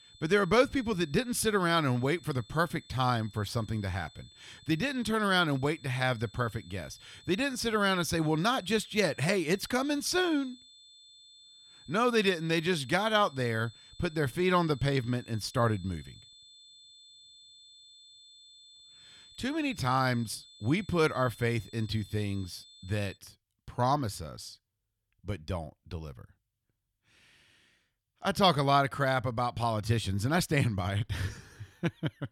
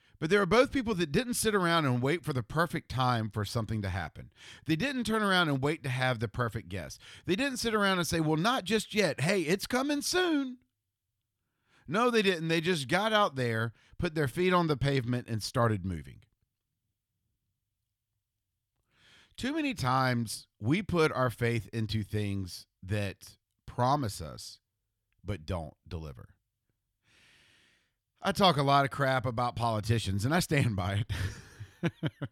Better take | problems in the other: second | high-pitched whine; faint; until 23 s; 3.5 kHz, 25 dB below the speech

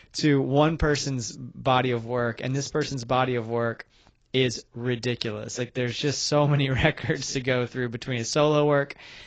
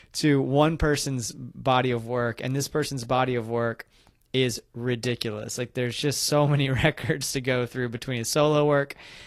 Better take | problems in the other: second | garbled, watery; badly; nothing above 7.5 kHz; slightly in the second

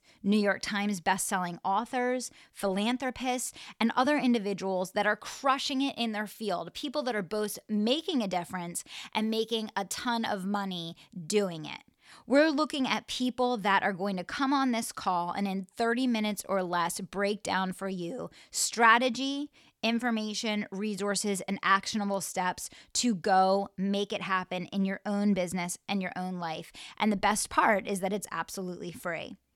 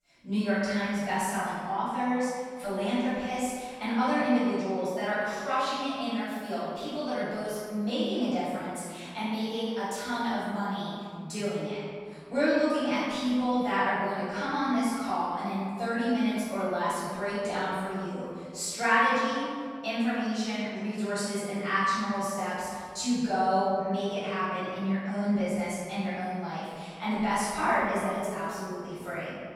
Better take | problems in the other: first | off-mic speech; far // room echo; strong; dies away in 1.9 s

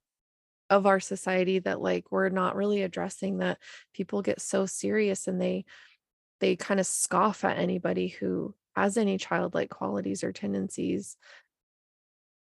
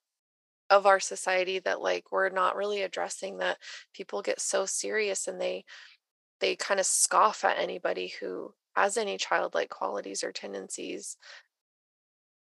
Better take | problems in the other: first | thin; very; fading below 650 Hz

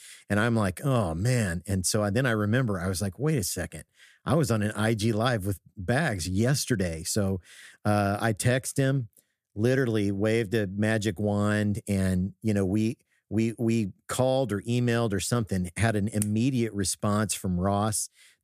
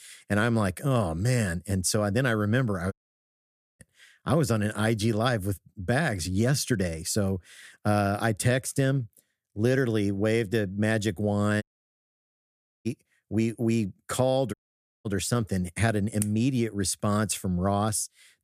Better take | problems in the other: first | audio cutting out; at 3 s for 1 s, at 12 s for 1 s and at 15 s for 0.5 s

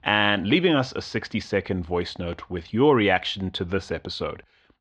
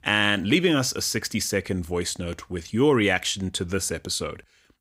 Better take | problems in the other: second | muffled; slightly; fading above 4 kHz

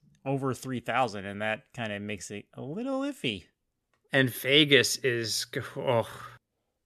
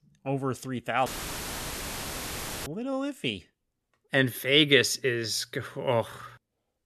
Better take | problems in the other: first | audio cutting out; filled with static; at 1 s for 1.5 s

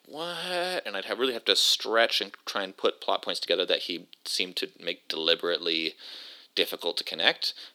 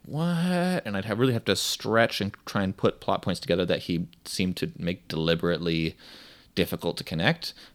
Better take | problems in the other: second | thin; very; fading below 350 Hz

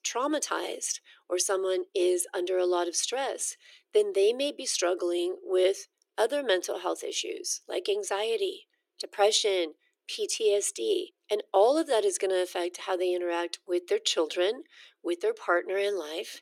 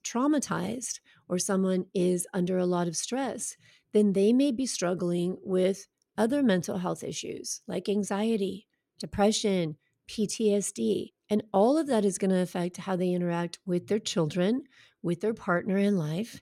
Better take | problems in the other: second | thin; very; fading below 350 Hz

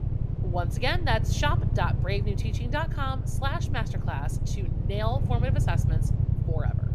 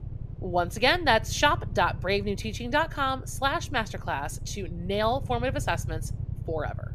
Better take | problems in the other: second | low rumble; loud; throughout; 9 dB below the speech; faint in the second

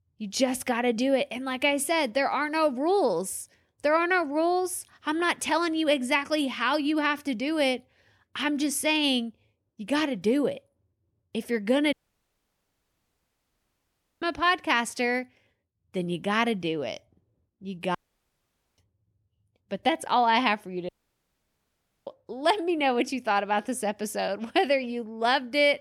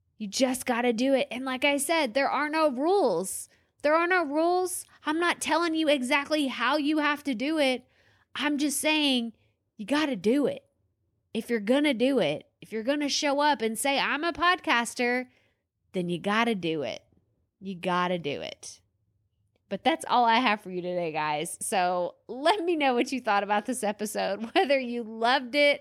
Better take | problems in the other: second | audio cutting out; at 12 s for 2.5 s, at 18 s for 1 s and at 21 s for 1 s

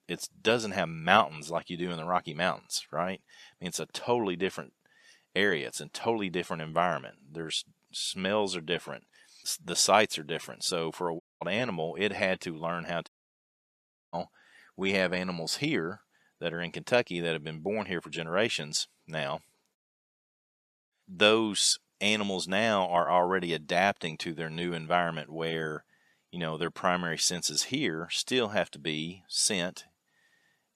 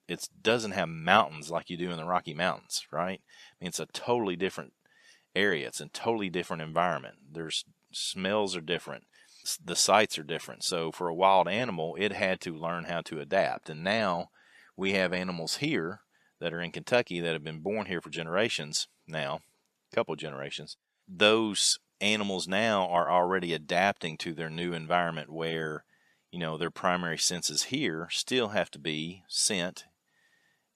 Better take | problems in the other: second | audio cutting out; at 11 s, at 13 s for 1 s and at 20 s for 1 s

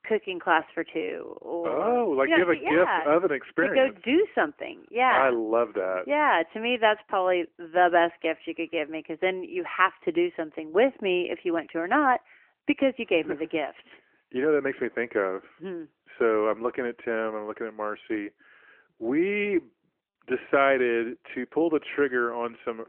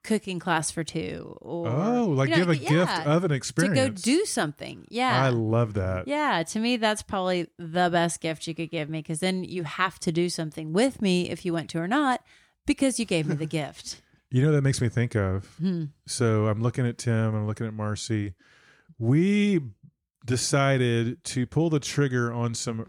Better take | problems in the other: second | phone-call audio; nothing above 3 kHz

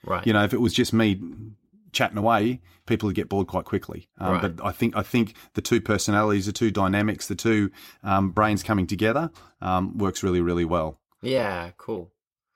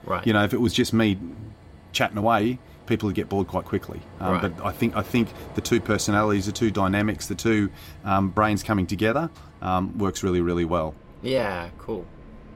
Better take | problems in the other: first | train or aircraft noise; faint; throughout; 20 dB below the speech

